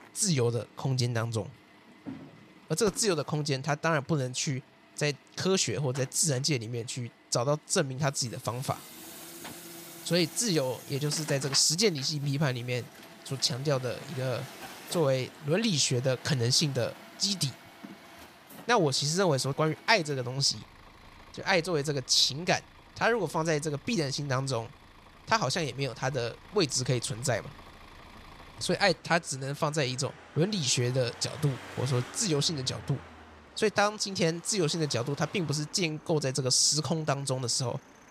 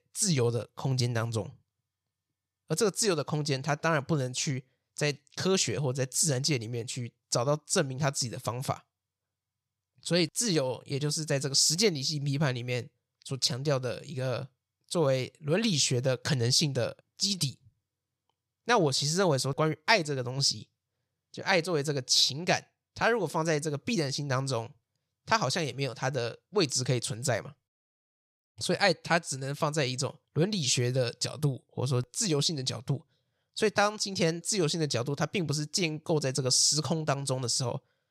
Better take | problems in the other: second | traffic noise; noticeable; throughout; 20 dB below the speech

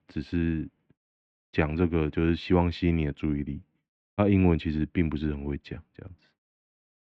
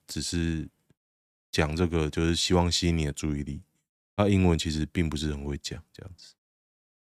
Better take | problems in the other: second | muffled; very; fading above 2.5 kHz

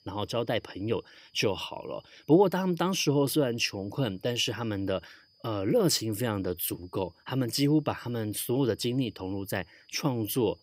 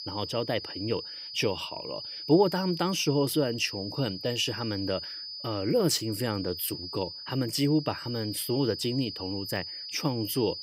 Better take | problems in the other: first | high-pitched whine; loud; throughout; 5 kHz, 8 dB below the speech; faint in the first

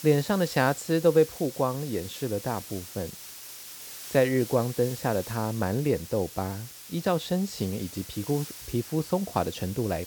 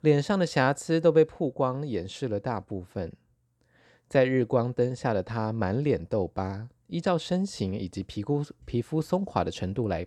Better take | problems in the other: second | hiss; noticeable; throughout; 10 dB below the speech

